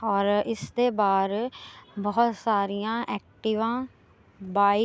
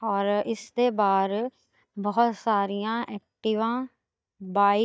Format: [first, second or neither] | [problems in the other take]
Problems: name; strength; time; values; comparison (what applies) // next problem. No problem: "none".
first | noise reduction (neural mask model DeepFilterNet 3)